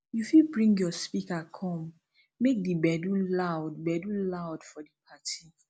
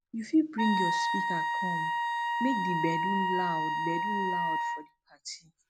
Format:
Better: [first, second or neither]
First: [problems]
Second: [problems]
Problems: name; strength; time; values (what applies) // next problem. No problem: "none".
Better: first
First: none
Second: background sound (Wind instrument, woodwind instrument); 3 dB above the speech